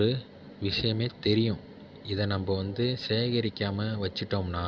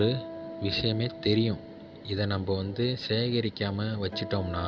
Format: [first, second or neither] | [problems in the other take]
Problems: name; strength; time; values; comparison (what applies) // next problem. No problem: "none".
first | background sound (Acoustic guitar); 14 dB below the speech